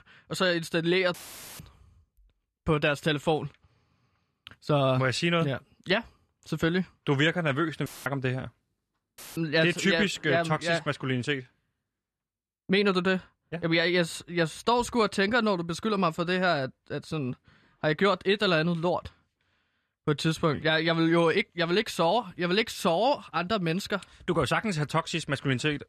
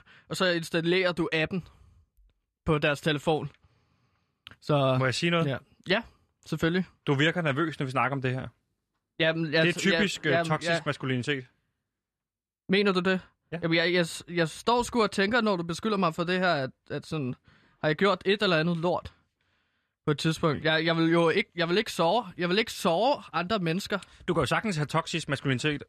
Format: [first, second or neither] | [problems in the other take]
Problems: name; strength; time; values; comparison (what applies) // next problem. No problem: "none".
second | audio cutting out; filled with static; at 1 s, at 8 s and at 9 s